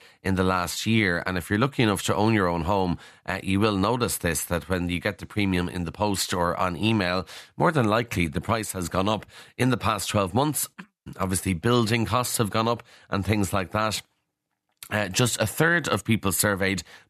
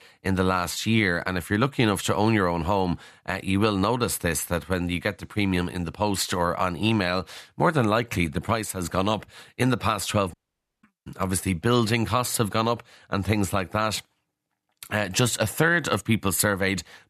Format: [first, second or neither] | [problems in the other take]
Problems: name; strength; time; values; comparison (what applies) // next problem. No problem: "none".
first | audio cutting out; at 10 s